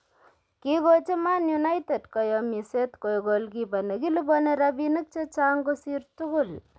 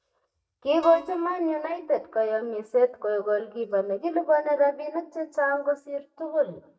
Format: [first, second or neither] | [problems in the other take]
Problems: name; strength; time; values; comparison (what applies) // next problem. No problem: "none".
first | noise reduction (neural mask model DeepFilterNet 3)